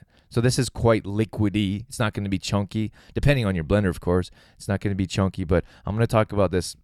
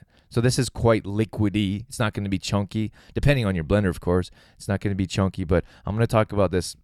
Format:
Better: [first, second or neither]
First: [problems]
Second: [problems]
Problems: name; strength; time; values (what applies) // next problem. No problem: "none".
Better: neither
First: none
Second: none